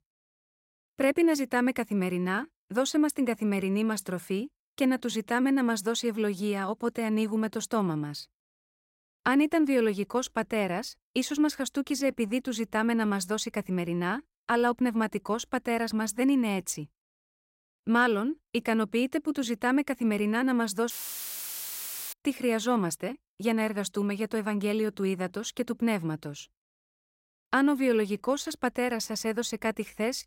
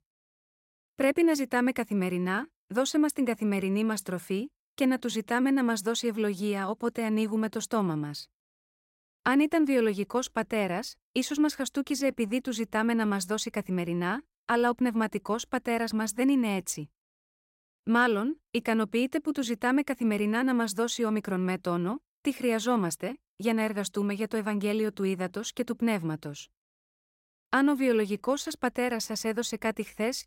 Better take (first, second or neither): second